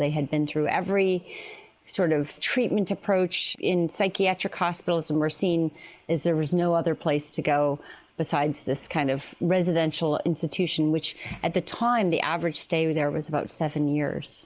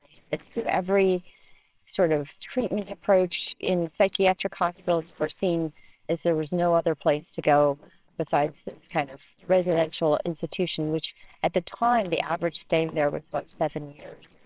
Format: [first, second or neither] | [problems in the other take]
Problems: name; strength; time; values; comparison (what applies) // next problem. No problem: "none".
first | noise reduction (neural separator model SepFormer WHAMR!)